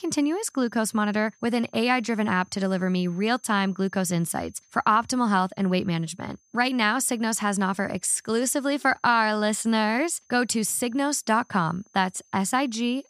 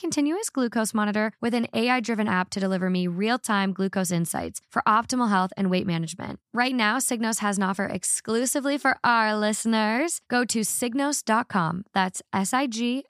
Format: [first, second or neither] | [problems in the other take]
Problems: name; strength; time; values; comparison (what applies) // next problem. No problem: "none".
second | high-pitched whine; faint; throughout; 6.5 kHz, 35 dB below the speech